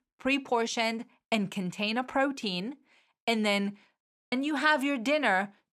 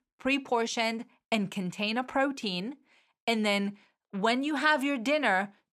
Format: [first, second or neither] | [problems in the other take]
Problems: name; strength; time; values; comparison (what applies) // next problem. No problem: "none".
second | audio cutting out; at 4 s